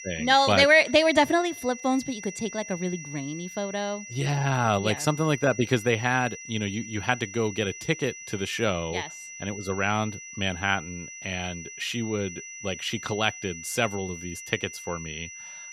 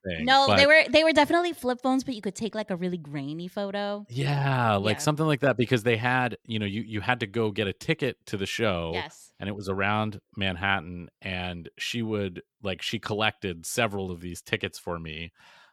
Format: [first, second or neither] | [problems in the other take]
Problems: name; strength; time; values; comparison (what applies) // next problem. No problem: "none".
second | high-pitched whine; noticeable; throughout; 6 kHz, 15 dB below the speech